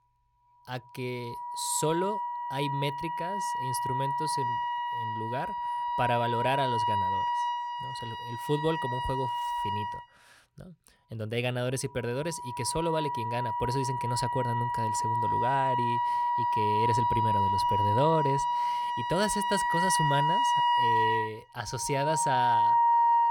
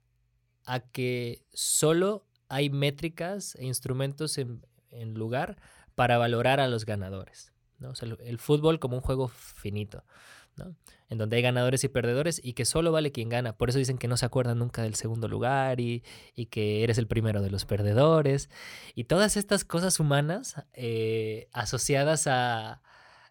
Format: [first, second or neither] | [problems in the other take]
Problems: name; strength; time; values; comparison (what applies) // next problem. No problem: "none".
second | background music; very loud; throughout; 4 dB above the speech